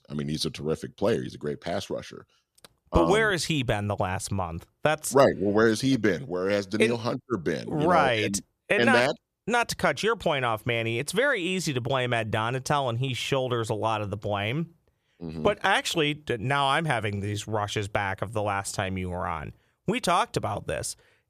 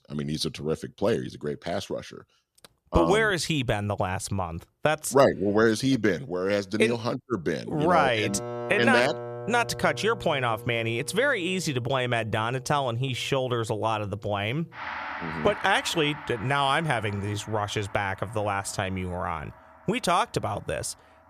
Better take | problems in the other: first | background music; noticeable; from 8.5 s on; 15 dB below the speech

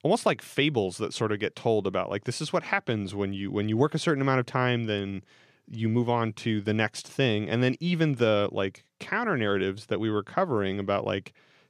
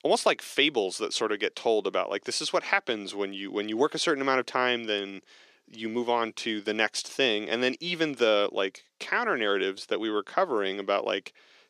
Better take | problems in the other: first | thin; somewhat; fading below 300 Hz

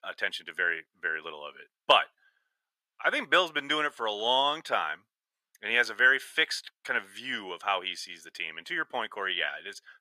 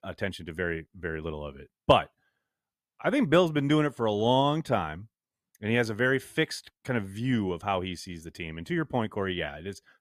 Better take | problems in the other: second | thin; very; fading below 600 Hz

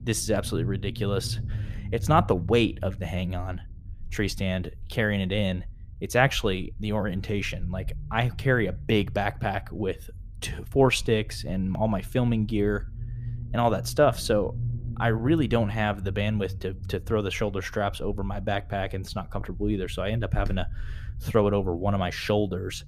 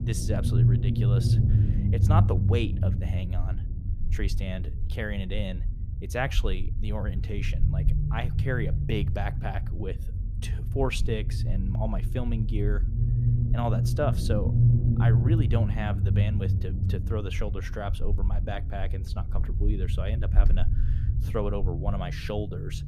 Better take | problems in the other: first | low rumble; loud; throughout; 5 dB below the speech; faint in the first

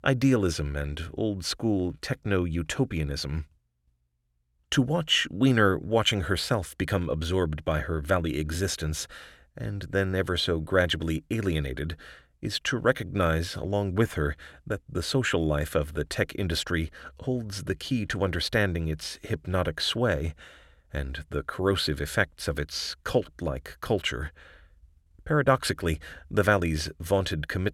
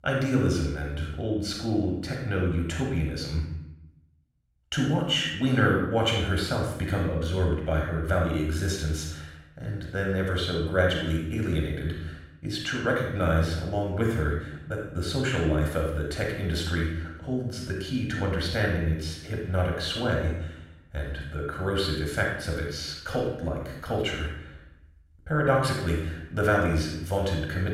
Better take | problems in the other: first | off-mic speech; somewhat distant // room echo; noticeable; dies away in 0.7 s

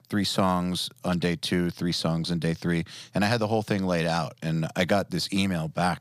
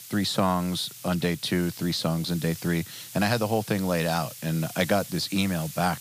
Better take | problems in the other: first | hiss; noticeable; throughout; 15 dB below the speech

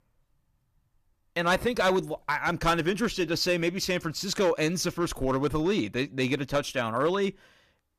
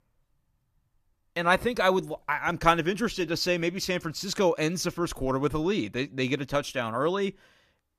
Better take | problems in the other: second | distortion; slight; 4% of the sound clipped

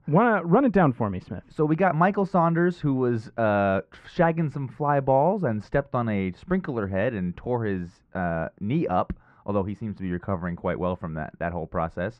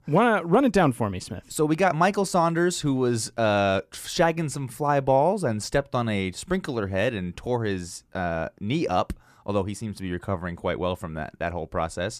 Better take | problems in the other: second | muffled; very; fading above 1.5 kHz

